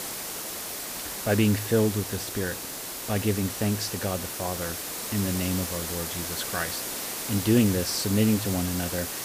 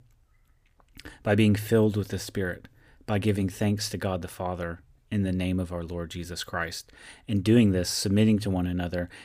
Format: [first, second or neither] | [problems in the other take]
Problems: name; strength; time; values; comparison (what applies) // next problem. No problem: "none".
second | hiss; loud; throughout; 4 dB below the speech